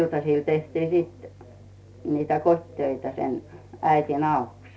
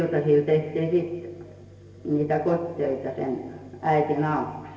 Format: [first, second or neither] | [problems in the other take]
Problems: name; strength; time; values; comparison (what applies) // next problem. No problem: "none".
first | room echo; dies away in 1.4 s